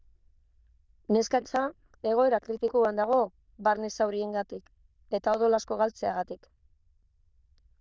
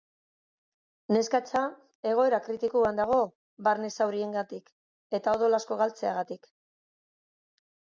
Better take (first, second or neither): second